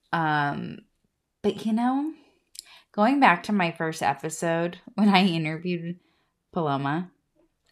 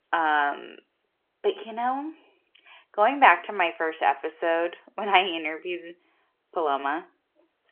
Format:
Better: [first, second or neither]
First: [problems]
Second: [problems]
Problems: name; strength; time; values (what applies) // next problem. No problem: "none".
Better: first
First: none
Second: phone-call audio; nothing above 3 kHz